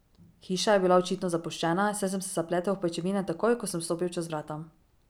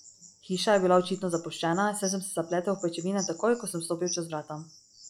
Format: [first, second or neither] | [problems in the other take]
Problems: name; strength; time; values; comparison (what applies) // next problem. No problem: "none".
first | noise reduction (classical method log-MMSE)